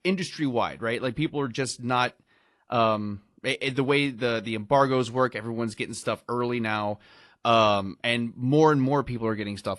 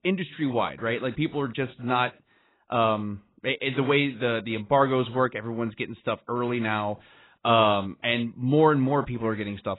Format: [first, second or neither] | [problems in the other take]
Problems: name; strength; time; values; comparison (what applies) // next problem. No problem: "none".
first | garbled, watery; badly; nothing above 4 kHz; slightly in the first